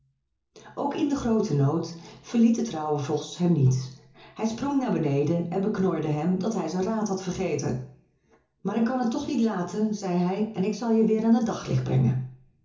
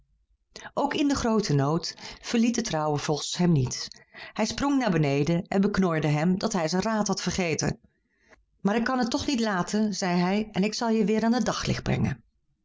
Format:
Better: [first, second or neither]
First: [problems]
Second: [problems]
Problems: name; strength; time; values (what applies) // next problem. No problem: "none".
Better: second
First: room echo; dies away in 0.7 s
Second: none